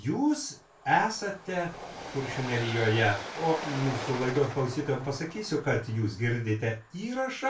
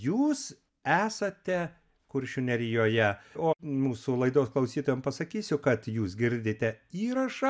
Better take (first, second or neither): second